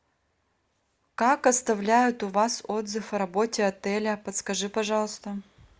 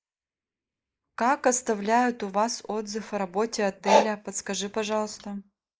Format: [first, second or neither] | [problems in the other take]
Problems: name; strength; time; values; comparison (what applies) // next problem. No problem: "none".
first | noise reduction (neural mask model Resemble Enhance denoiser)